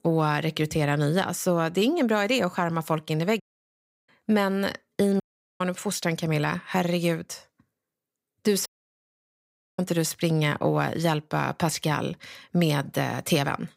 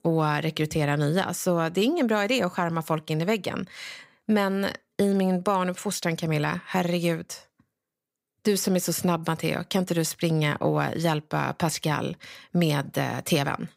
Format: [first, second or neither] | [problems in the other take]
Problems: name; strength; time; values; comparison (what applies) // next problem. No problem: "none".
second | audio cutting out; at 3.5 s for 0.5 s, at 5 s and at 8.5 s for 1 s